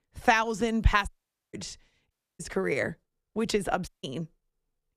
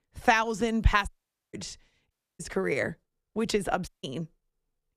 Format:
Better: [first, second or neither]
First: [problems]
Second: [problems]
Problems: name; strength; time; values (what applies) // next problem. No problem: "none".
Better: neither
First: audio cutting out; at 1 s, at 2 s and at 4 s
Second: audio cutting out; at 1 s, at 2 s and at 4 s